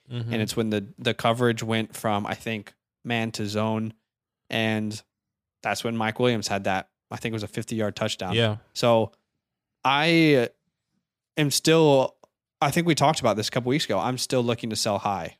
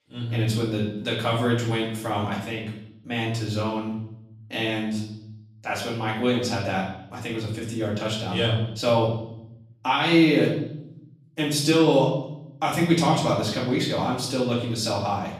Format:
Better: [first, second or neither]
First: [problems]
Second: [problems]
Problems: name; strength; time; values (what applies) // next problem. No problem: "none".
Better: first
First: none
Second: off-mic speech; far // room echo; noticeable; dies away in 0.8 s